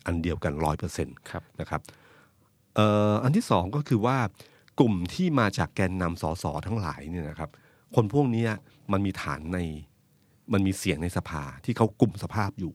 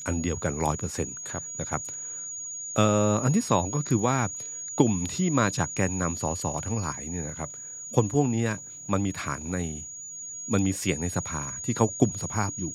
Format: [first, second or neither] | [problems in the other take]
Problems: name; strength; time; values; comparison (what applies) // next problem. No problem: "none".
first | high-pitched whine; loud; throughout; 7 kHz, 7 dB below the speech